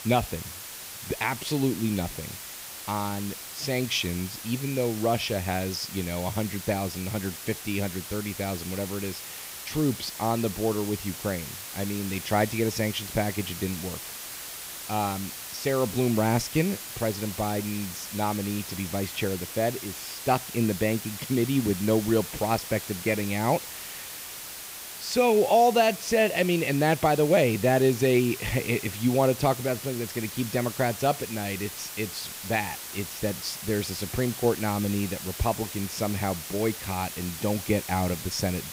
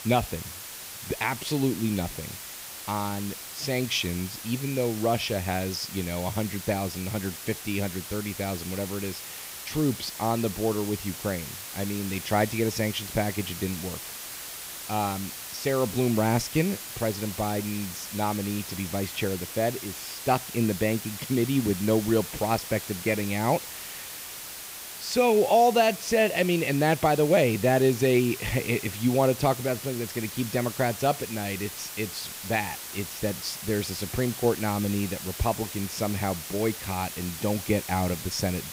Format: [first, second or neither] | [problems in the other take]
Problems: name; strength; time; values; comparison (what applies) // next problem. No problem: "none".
neither | hiss; loud; throughout; 9 dB below the speech; the same in both